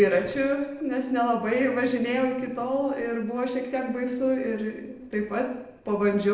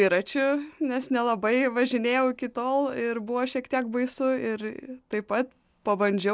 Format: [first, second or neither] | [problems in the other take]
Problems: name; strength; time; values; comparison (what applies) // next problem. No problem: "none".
second | noise reduction (neural separator model SepFormer DNS4)